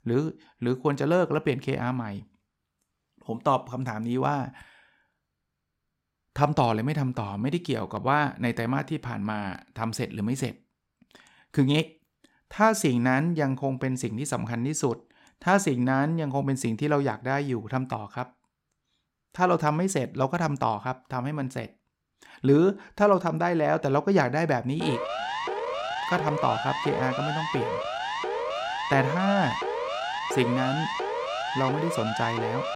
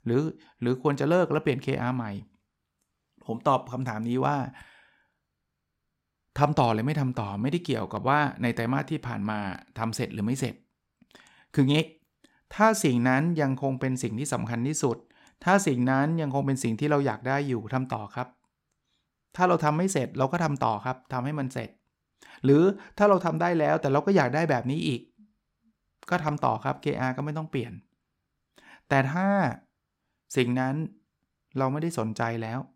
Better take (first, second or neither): second